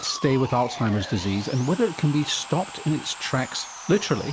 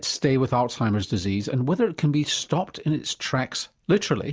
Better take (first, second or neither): second